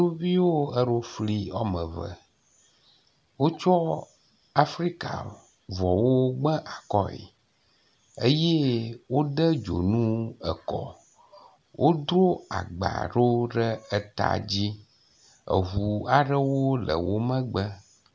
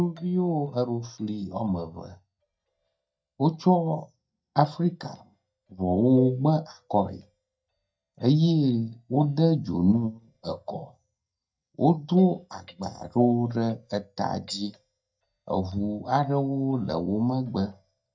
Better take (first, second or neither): first